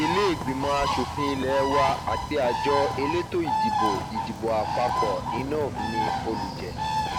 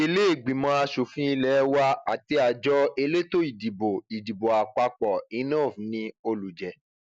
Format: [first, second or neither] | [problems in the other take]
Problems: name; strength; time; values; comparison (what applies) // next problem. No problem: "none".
second | background sound (Bird); as loud as the speech